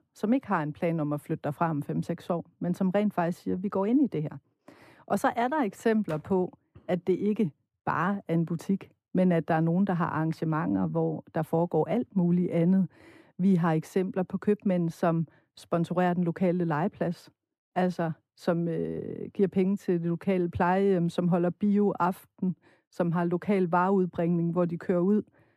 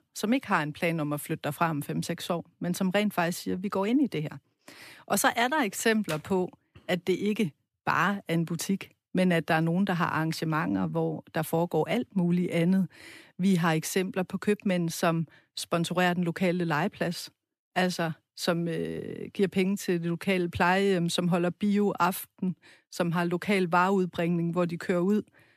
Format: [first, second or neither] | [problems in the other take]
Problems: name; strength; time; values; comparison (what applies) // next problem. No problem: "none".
second | muffled; slightly; fading above 1.5 kHz